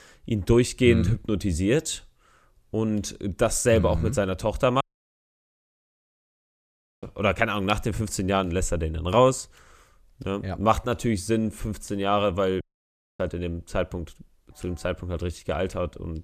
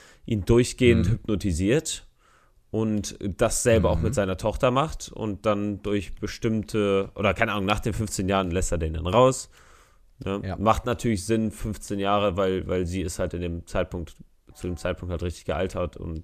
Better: second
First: audio cutting out; at 5 s for 2 s and at 13 s for 0.5 s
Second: none

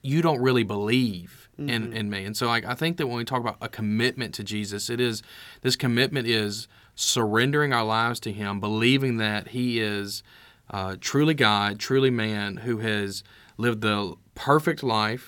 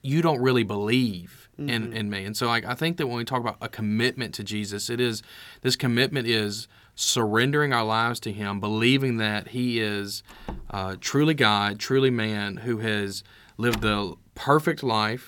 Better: first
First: none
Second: door banging; noticeable; from 10 to 14 s; peak 9 dB below the speech

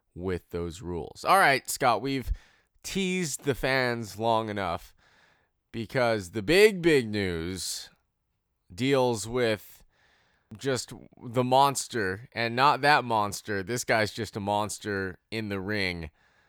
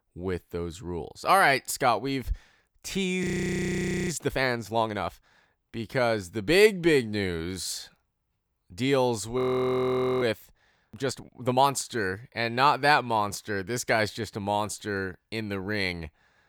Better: first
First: none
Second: audio freezing; at 3 s for 1 s and at 9.5 s for 1 s

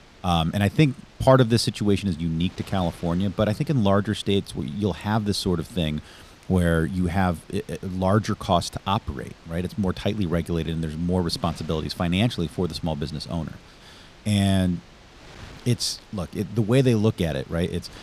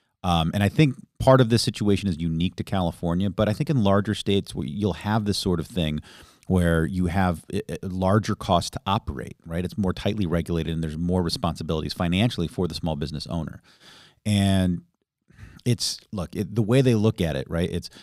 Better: second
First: wind noise on the microphone; occasional gusts; 20 dB below the speech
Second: none

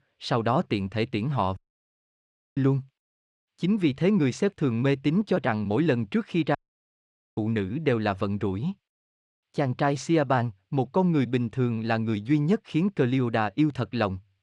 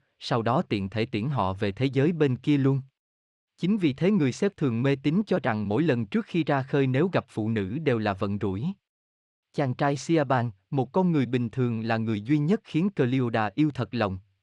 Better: second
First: audio cutting out; at 1.5 s for 1 s and at 6.5 s for 1 s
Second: none

